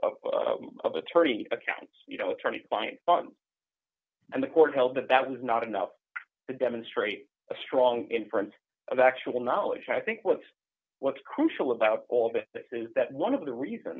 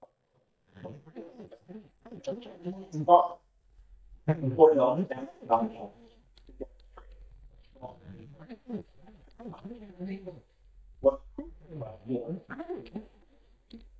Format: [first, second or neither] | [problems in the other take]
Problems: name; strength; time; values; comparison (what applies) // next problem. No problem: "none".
first | noise reduction (neural mask model DeepFilterNet 3)